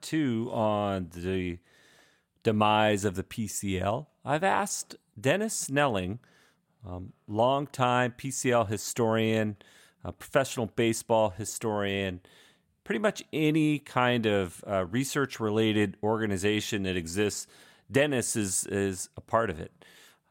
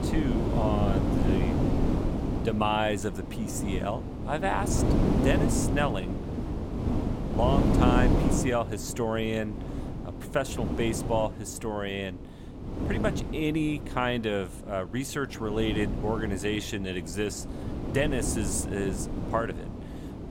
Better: first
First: none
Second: wind noise on the microphone; heavy; 4 dB below the speech

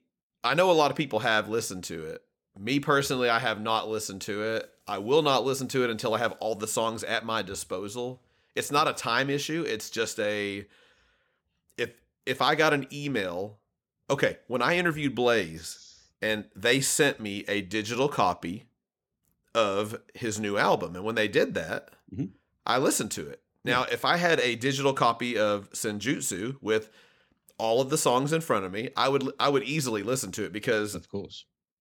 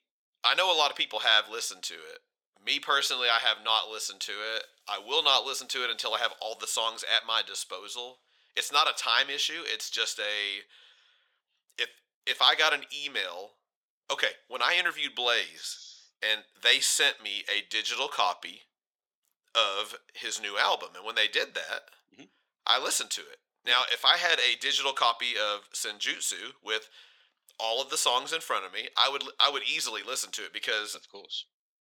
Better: first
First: none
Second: thin; very; fading below 750 Hz

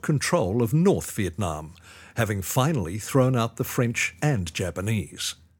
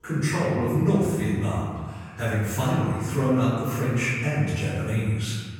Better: first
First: none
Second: off-mic speech; far // room echo; strong; dies away in 1.9 s

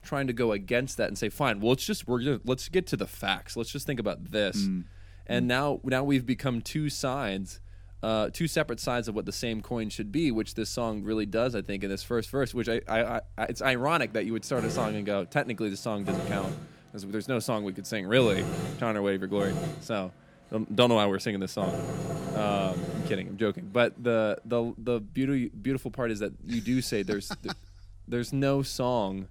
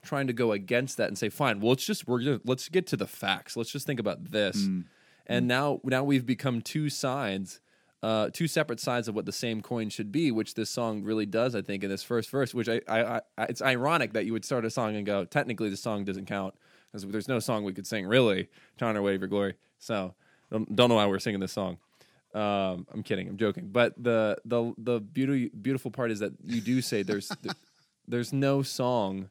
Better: second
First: machinery noise; noticeable; throughout; 10 dB below the speech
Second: none

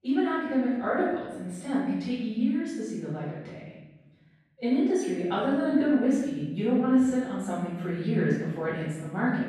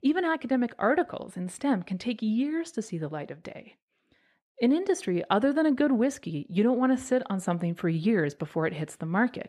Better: second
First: room echo; strong; dies away in 1.2 s // off-mic speech; far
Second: none

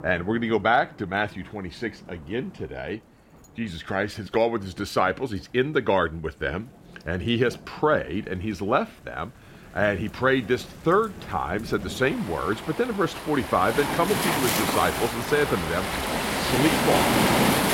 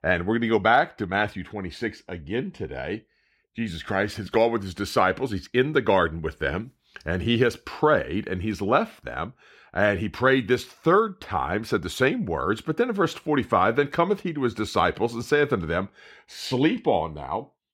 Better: second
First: rain or running water; very loud; throughout; as loud as the speech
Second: none

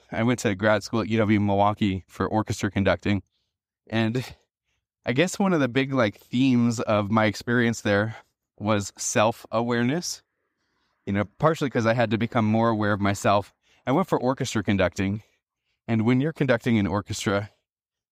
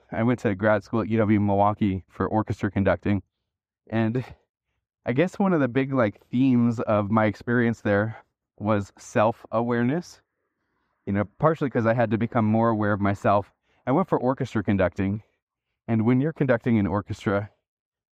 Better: first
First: none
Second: muffled; very; fading above 3 kHz

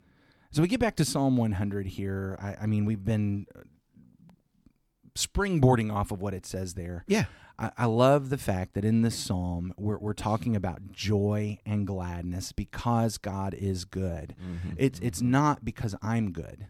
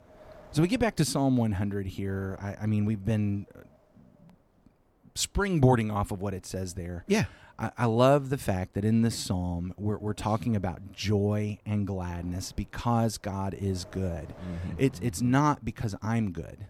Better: first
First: none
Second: wind noise on the microphone; occasional gusts; 25 dB below the speech

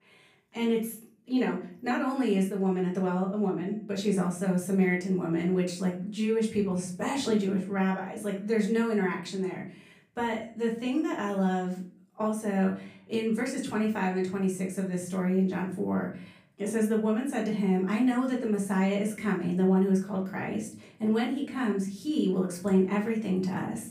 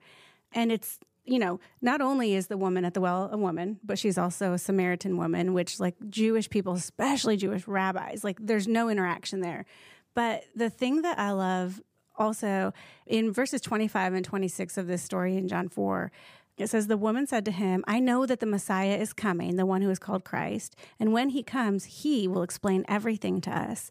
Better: second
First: off-mic speech; far // room echo; slight; dies away in 0.5 s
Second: none

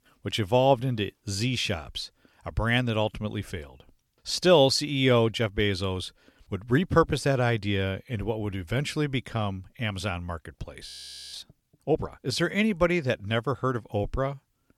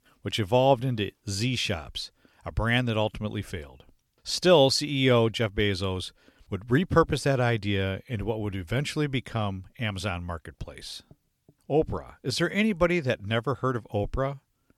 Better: second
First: audio freezing; at 11 s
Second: none

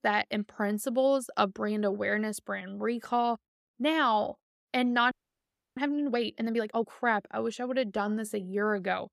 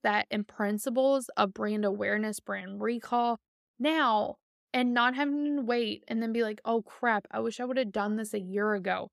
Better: second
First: audio freezing; at 5 s for 0.5 s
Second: none

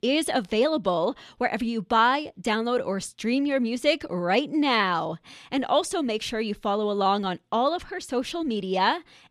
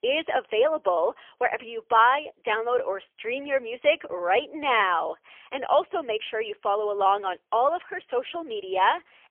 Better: first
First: none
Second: phone-call audio; poor line; nothing above 3.5 kHz

